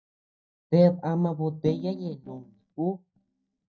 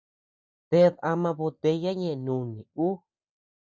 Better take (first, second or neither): second